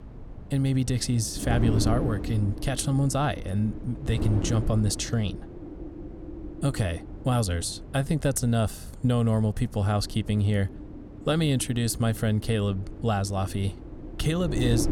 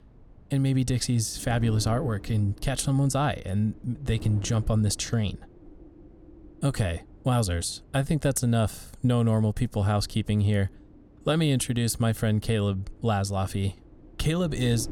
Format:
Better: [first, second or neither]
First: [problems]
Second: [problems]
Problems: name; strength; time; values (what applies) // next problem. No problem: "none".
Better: second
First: wind noise on the microphone; heavy; 10 dB below the speech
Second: wind noise on the microphone; occasional gusts; 20 dB below the speech